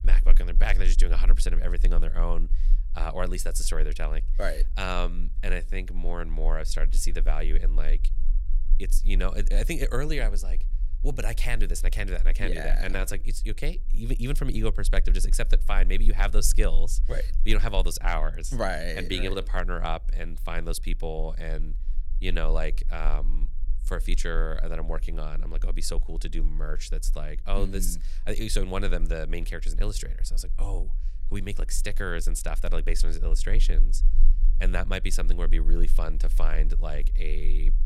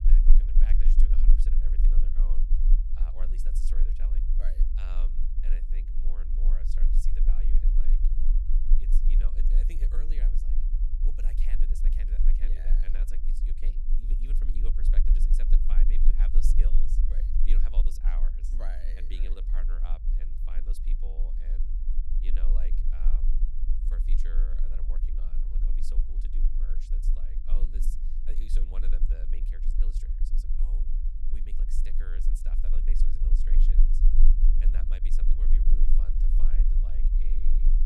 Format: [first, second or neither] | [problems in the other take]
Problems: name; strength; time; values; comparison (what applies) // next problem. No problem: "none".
first | low rumble; loud; throughout; 2 dB below the speech; faint in the first